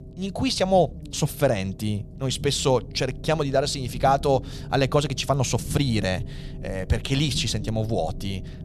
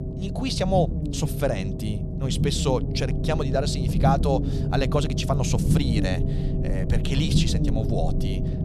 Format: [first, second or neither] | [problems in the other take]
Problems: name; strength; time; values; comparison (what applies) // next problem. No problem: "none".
first | low rumble; loud; throughout; 7 dB below the speech; faint in the first